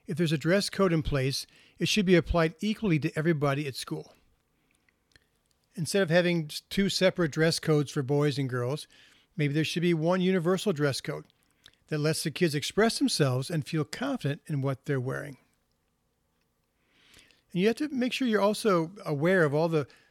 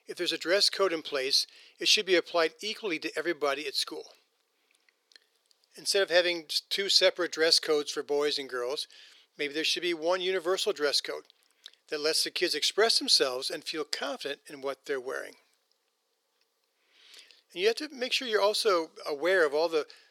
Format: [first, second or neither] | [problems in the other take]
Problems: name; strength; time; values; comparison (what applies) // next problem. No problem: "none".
first | thin; very; fading below 400 Hz